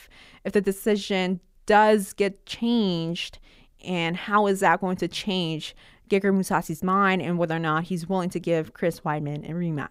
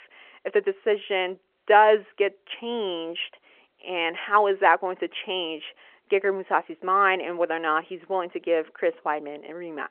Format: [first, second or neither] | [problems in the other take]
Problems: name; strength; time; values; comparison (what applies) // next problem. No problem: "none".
first | phone-call audio; nothing above 3 kHz